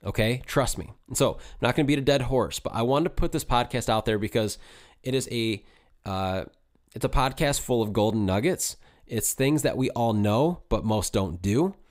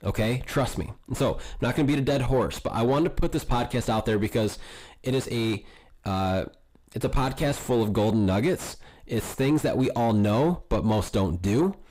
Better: first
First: none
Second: distortion; heavy; 7 dB below the speech

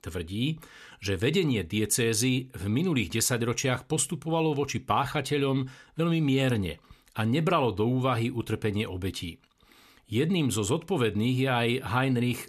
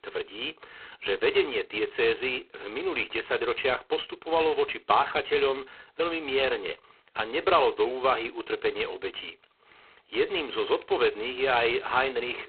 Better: first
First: none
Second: phone-call audio; poor line; nothing above 4 kHz

